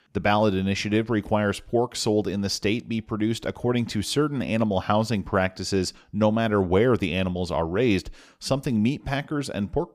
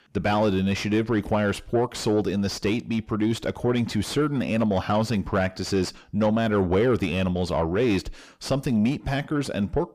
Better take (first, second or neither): first